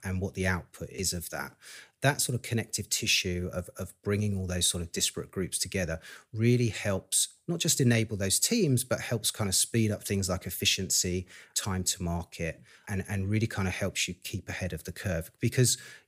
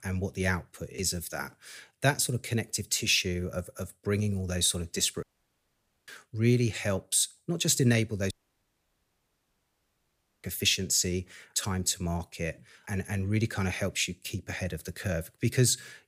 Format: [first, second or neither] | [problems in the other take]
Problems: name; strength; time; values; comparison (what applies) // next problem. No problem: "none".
first | audio cutting out; at 5 s for 1 s and at 8.5 s for 2 s